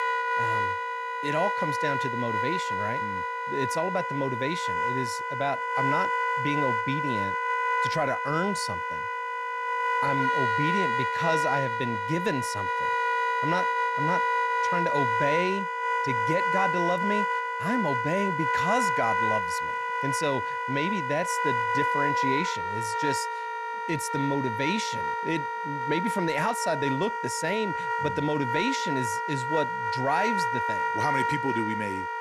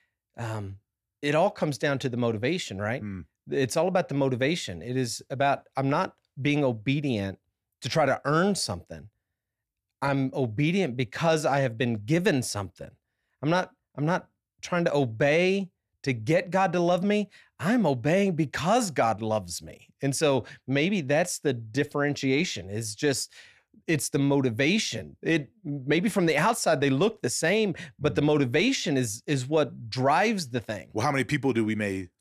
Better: second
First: background music; very loud; throughout; 3 dB above the speech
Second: none

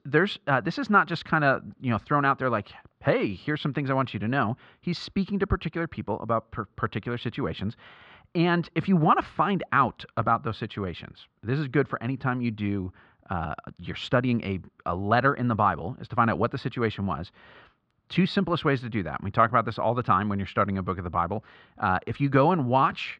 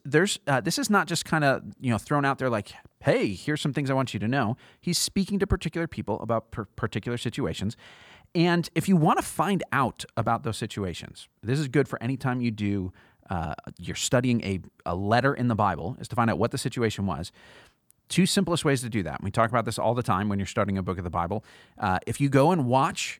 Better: second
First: muffled; slightly; fading above 3.5 kHz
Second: none

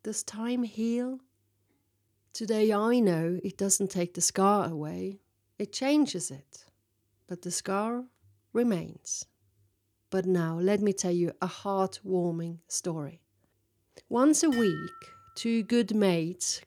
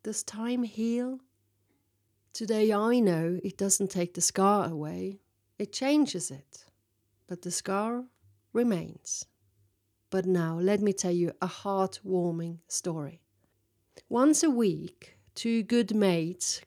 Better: second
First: clattering dishes; noticeable; at 15 s; peak 9 dB below the speech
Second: none

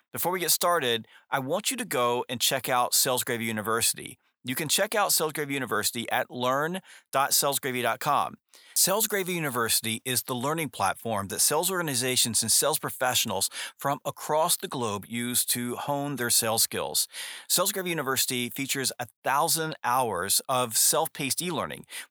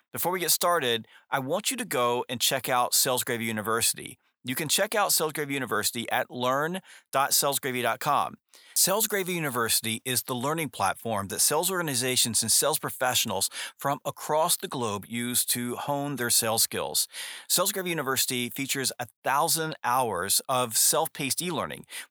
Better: neither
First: thin; somewhat; fading below 700 Hz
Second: thin; somewhat; fading below 700 Hz

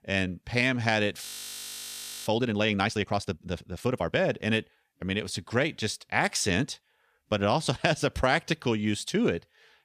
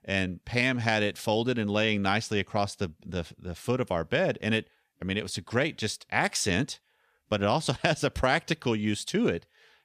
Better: second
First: audio freezing; at 1.5 s for 1 s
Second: none

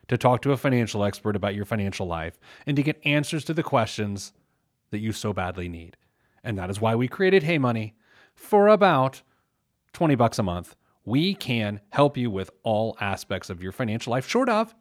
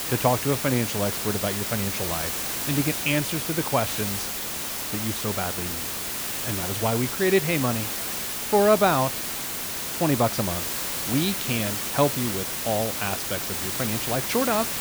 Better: first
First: none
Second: hiss; loud; throughout; 1 dB below the speech

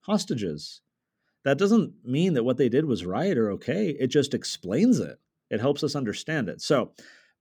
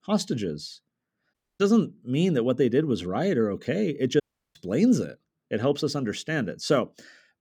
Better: first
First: none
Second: audio cutting out; at 1.5 s and at 4 s

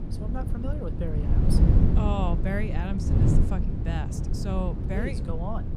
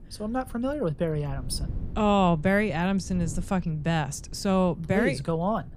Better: second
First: wind noise on the microphone; heavy; 1 dB below the speech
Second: wind noise on the microphone; occasional gusts; 25 dB below the speech

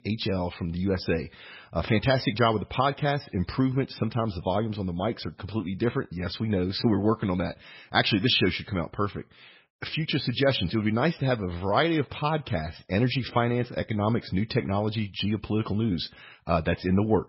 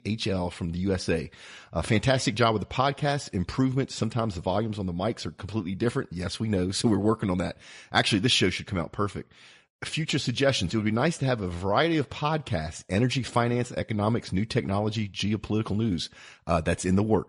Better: second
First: garbled, watery; badly; nothing above 5.5 kHz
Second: garbled, watery; slightly; nothing above 10.5 kHz

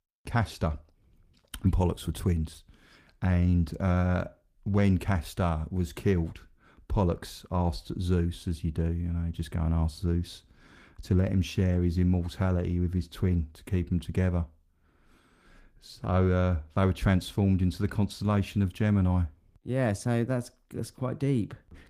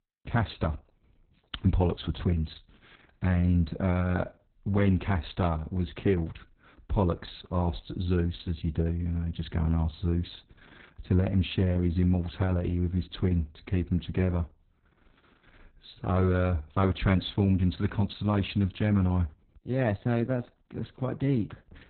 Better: first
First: garbled, watery; slightly; nothing above 15 kHz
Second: garbled, watery; badly; nothing above 4 kHz

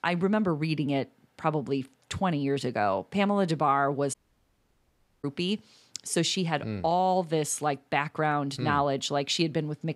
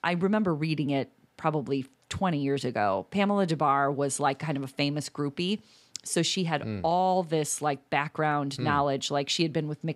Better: second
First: audio cutting out; at 4 s for 1 s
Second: none

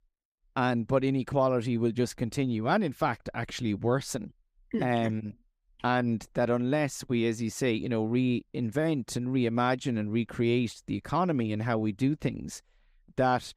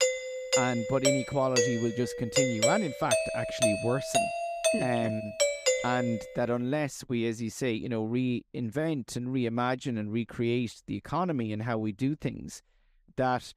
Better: first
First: none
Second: doorbell; loud; until 6 s; peak 6 dB above the speech

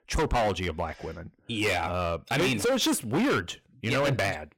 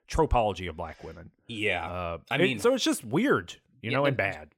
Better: second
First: distortion; heavy; 17% of the sound clipped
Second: none

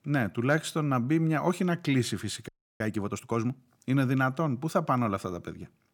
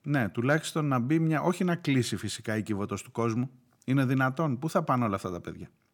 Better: second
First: audio freezing; at 2.5 s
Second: none

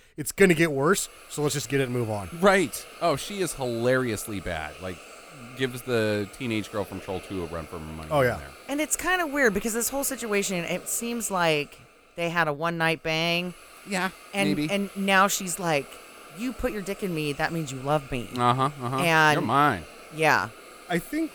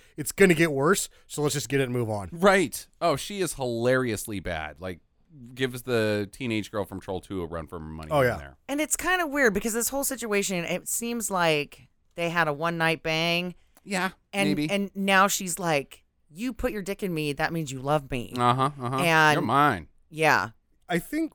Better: second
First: hiss; noticeable; throughout; 20 dB below the speech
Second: none

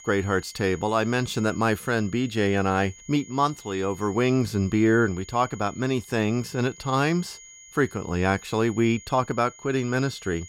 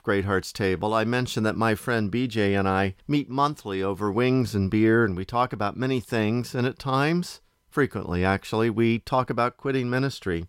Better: second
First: high-pitched whine; noticeable; throughout; 6.5 kHz, 20 dB below the speech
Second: none

